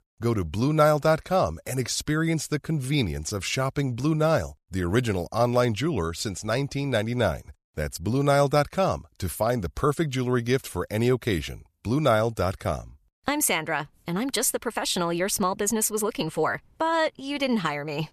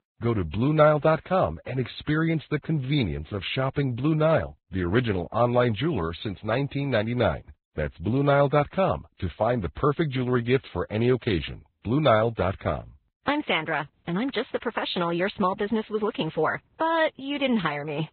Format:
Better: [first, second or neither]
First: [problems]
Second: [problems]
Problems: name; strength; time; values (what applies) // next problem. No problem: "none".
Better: first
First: none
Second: garbled, watery; badly; nothing above 4 kHz